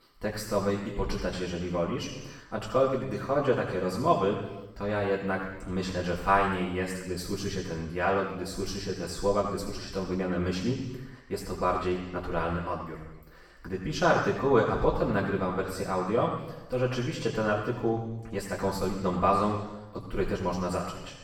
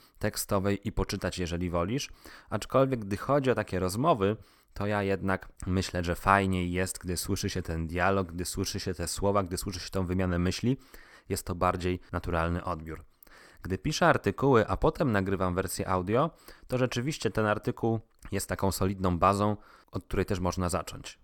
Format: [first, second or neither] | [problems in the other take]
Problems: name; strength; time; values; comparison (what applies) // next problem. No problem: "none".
second | room echo; noticeable; dies away in 1 s // off-mic speech; far